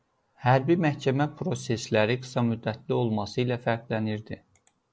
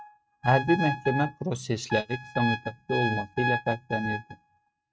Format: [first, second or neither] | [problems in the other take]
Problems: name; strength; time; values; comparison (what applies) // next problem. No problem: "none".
first | noise reduction (neural mask model RNNoise)